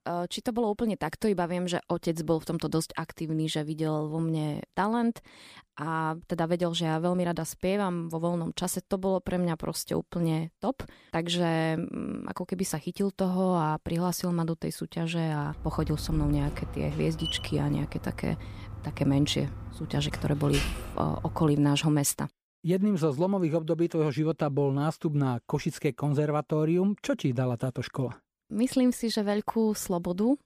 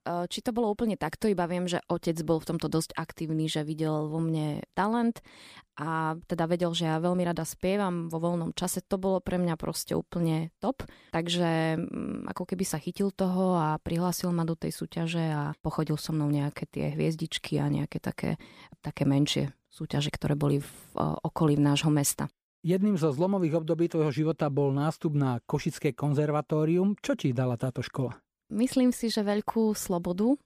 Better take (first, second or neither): second